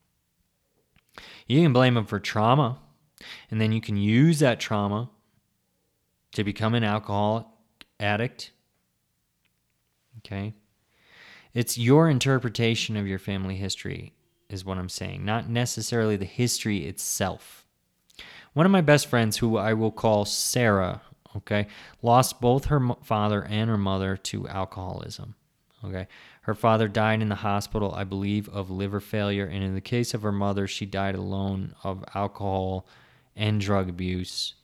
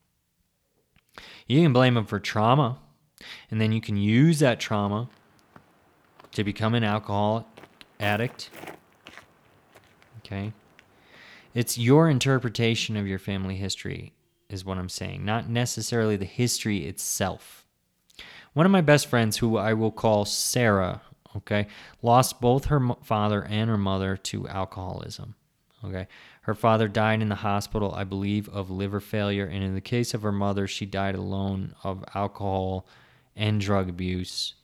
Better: first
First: none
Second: footsteps; faint; from 5 to 11 s; peak 15 dB below the speech

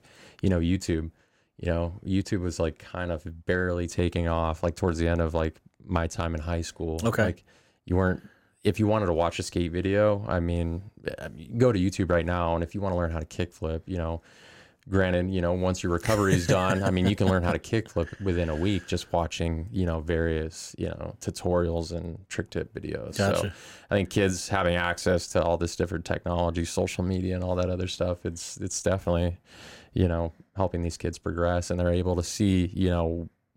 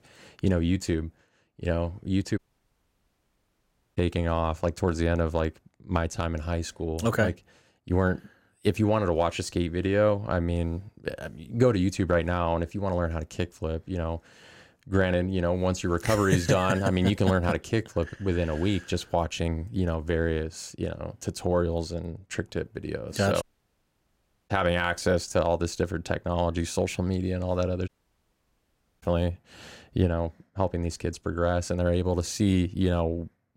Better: first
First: none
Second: audio cutting out; at 2.5 s for 1.5 s, at 23 s for 1 s and at 28 s for 1 s

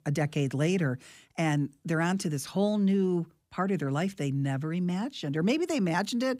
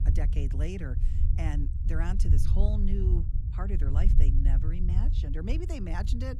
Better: first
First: none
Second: low rumble; loud; throughout; 5 dB below the speech

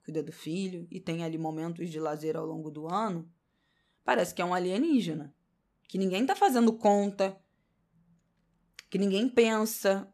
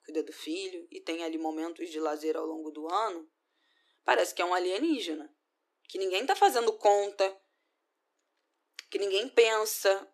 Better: first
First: none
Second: thin; very; fading below 300 Hz

